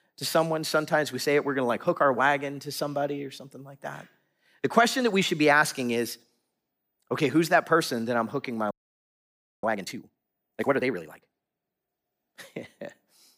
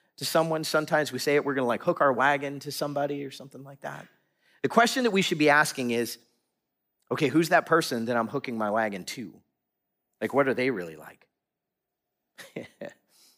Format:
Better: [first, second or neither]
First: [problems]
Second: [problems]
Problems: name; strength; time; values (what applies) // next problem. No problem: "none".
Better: second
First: audio freezing; at 8.5 s for 1 s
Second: none